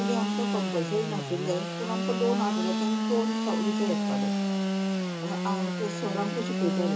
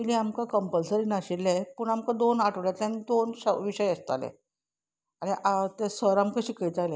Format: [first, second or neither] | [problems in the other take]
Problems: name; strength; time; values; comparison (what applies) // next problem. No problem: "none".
second | background sound (Sawing / Engine); 3 dB above the speech // room echo; dies away in 0.2 s